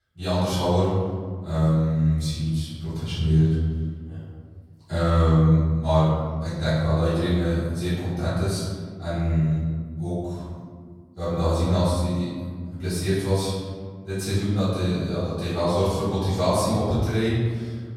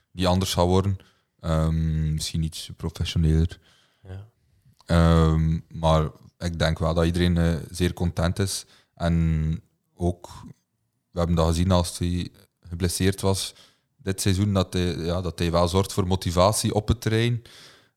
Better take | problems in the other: second | off-mic speech; far // room echo; strong; dies away in 1.6 s

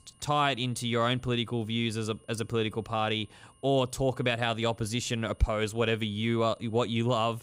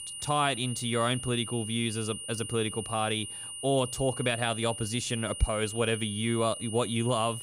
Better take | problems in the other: first | high-pitched whine; loud; throughout; 3 kHz, 7 dB below the speech; faint in the first

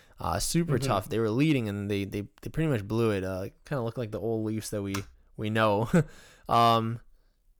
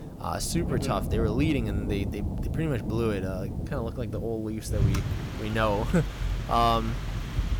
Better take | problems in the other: first | rain or running water; loud; throughout; 3 dB below the speech

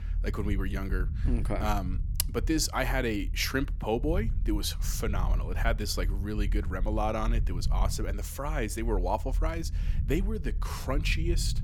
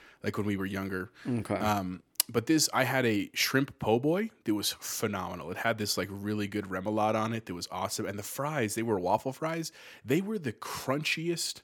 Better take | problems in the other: second | low rumble; noticeable; throughout; 20 dB below the speech

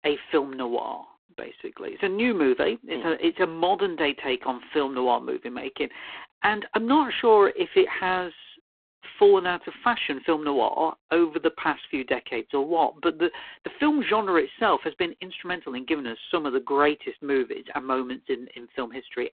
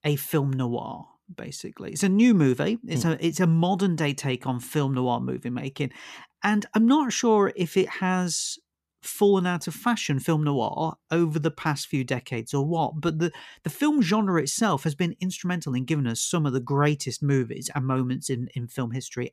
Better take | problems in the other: second | phone-call audio; poor line

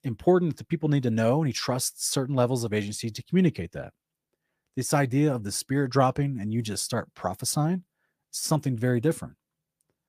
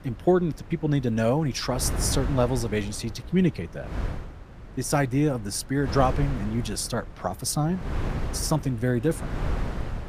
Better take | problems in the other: first | wind noise on the microphone; occasional gusts; 10 dB below the speech

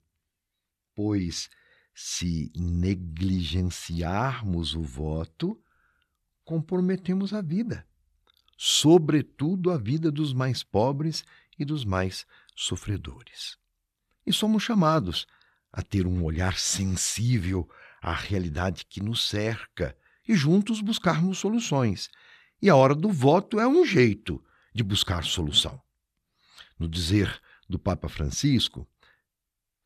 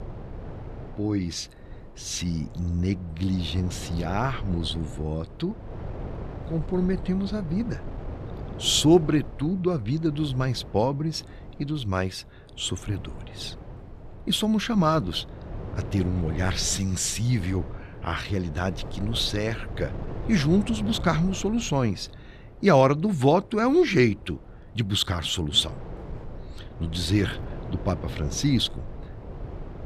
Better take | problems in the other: first | wind noise on the microphone; occasional gusts; 15 dB below the speech

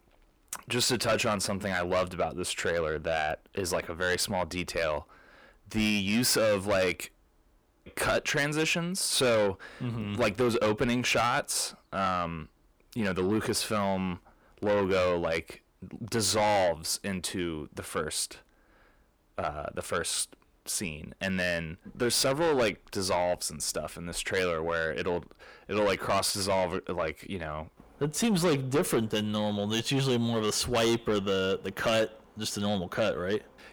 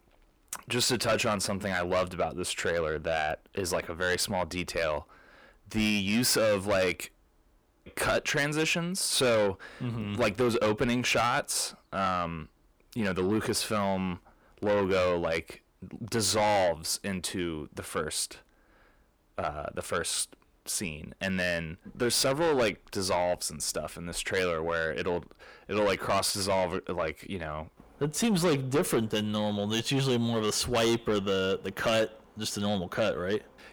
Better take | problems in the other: neither | distortion; heavy; 7 dB below the speech; the same in both

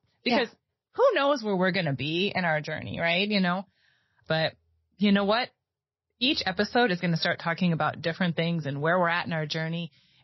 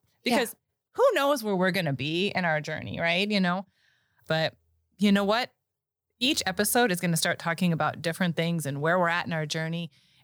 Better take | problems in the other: second | garbled, watery; slightly; nothing above 5.5 kHz

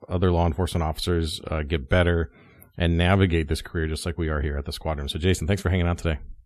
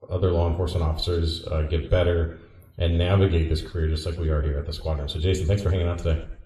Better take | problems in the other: first | room echo; slight; dies away in 0.6 s

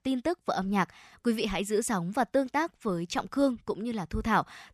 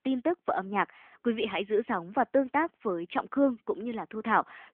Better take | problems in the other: first | phone-call audio; nothing above 3.5 kHz

